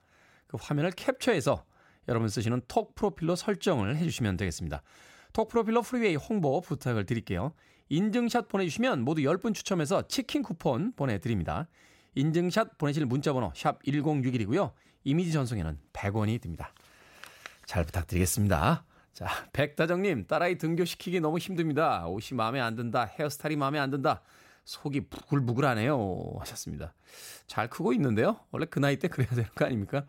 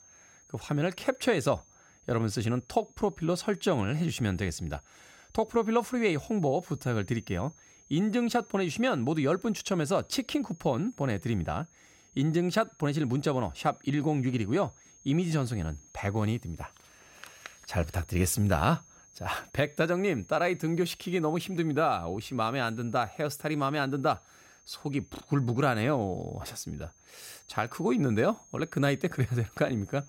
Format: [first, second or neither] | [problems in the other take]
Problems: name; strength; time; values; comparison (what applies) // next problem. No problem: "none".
first | high-pitched whine; faint; throughout; 6.5 kHz, 25 dB below the speech